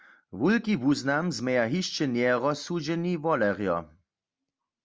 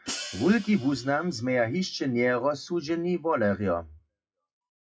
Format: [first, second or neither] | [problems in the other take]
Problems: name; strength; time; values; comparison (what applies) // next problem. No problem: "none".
first | noise reduction (classical method WPE with log-MMSE)